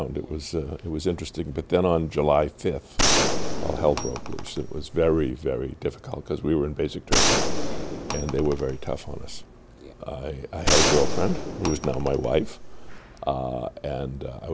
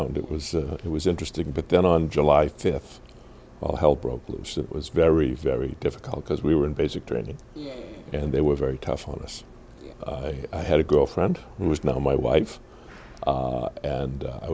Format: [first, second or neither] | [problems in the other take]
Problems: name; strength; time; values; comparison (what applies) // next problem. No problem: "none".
second | background sound (Gunshot, gunfire); 2 dB above the speech